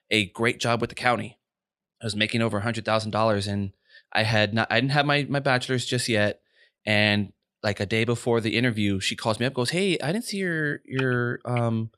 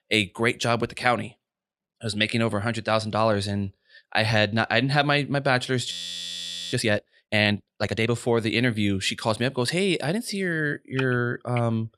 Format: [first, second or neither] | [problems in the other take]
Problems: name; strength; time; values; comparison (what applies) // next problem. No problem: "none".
first | audio freezing; at 6 s for 1 s